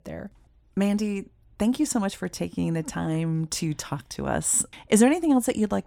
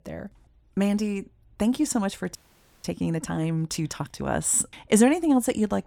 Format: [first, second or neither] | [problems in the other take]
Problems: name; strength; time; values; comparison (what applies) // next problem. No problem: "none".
first | audio freezing; at 2.5 s